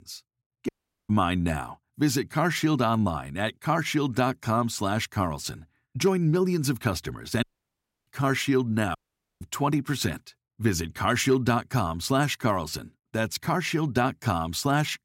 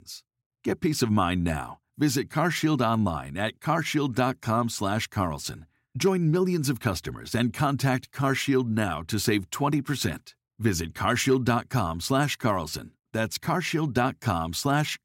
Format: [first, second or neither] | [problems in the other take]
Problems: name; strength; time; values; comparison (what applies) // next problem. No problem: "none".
second | audio cutting out; at 0.5 s, at 7.5 s for 0.5 s and at 9 s